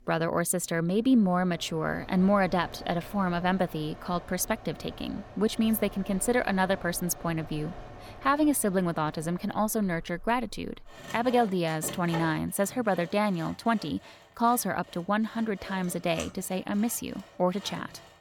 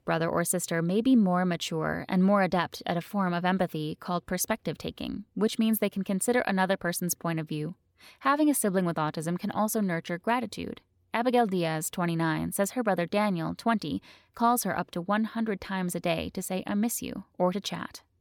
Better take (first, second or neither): second